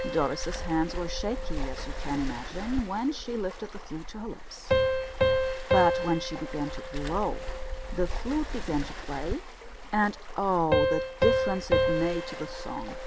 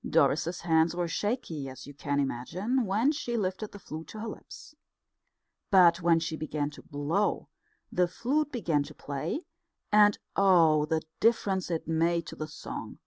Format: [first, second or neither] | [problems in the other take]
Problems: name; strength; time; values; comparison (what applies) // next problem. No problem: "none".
second | background sound (Waves, surf + Piano); 1 dB above the speech